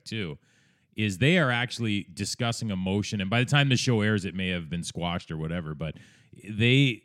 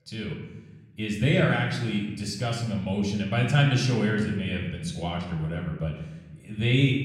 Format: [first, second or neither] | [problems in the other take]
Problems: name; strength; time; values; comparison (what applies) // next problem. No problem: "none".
first | off-mic speech; somewhat distant // room echo; noticeable; dies away in 0.9 s